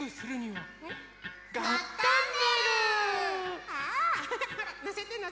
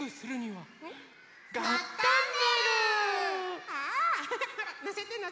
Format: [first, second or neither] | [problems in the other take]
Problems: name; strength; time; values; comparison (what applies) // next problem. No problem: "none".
second | background sound (Electric guitar); 18 dB below the speech